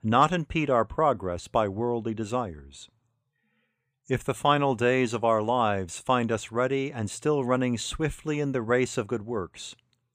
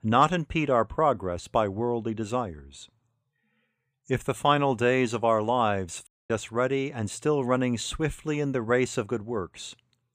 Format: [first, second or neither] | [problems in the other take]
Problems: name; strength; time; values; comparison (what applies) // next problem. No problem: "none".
first | audio cutting out; at 6 s